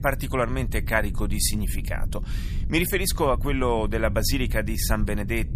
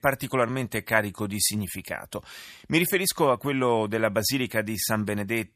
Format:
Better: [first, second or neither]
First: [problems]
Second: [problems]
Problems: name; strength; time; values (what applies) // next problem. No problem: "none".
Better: second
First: low rumble; noticeable; throughout; 20 dB below the speech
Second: none